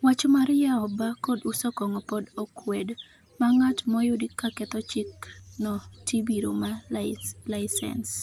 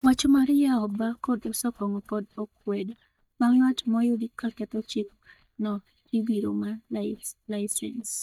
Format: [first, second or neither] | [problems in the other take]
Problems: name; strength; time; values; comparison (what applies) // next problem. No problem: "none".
first | noise reduction (neural mask model DeepFilterNet 3)